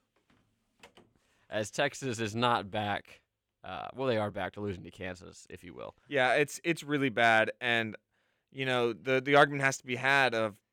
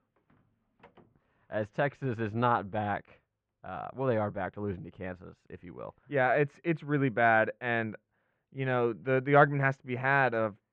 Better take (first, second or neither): first